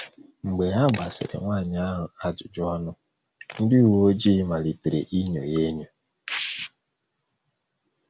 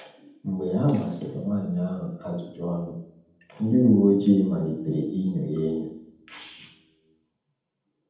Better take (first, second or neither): first